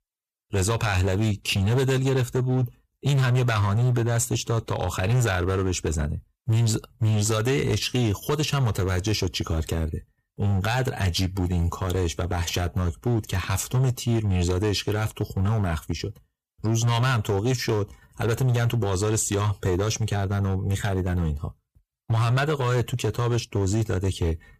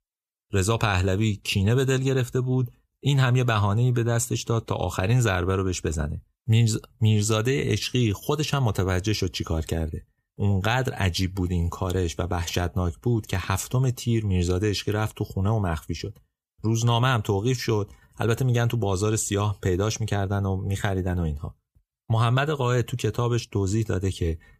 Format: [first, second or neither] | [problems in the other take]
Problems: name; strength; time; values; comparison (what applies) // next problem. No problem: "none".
second | distortion; slight; 11% of the sound clipped